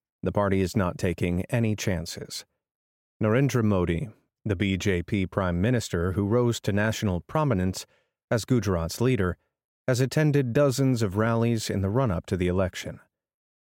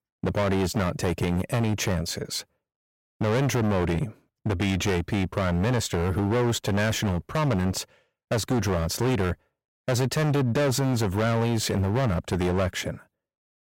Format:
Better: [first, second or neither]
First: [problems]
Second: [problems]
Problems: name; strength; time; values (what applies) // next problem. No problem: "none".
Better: first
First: none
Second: distortion; heavy; 25% of the sound clipped